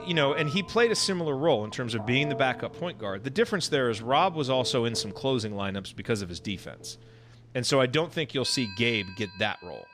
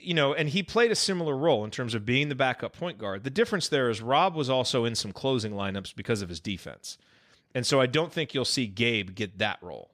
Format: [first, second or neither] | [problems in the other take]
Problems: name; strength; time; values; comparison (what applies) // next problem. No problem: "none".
second | alarms or sirens; noticeable; throughout; 15 dB below the speech